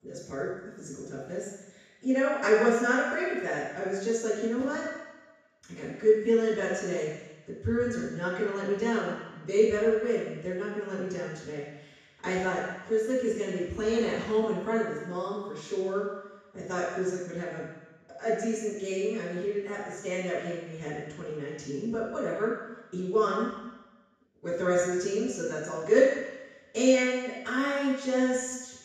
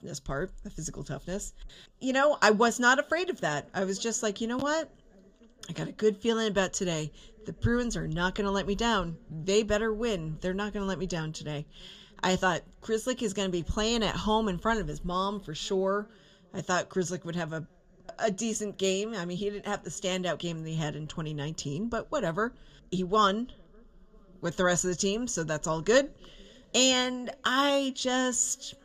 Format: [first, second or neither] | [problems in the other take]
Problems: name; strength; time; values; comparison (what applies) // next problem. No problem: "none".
second | room echo; strong; dies away in 1.1 s; slight in the second // off-mic speech; far